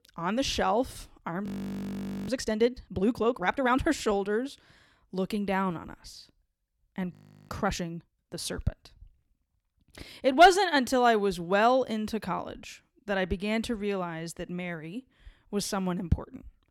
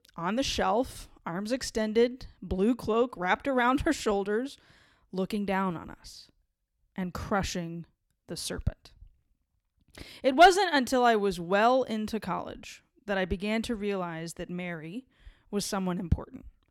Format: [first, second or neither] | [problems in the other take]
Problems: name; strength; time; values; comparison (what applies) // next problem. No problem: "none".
second | audio freezing; at 1.5 s for 1 s and at 7 s